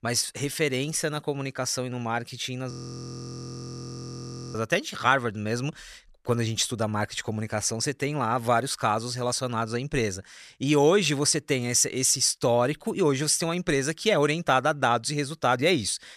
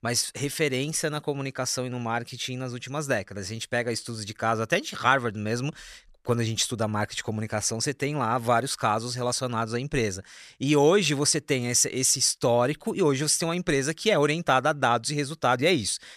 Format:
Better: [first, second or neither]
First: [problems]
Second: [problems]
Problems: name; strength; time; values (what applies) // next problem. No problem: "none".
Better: second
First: audio freezing; at 2.5 s for 2 s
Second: none